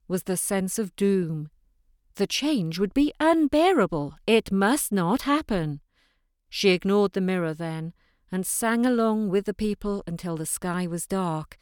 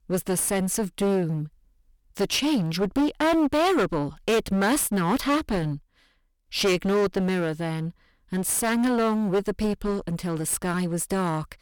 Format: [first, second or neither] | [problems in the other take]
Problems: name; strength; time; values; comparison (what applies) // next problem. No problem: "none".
first | distortion; heavy; 16% of the sound clipped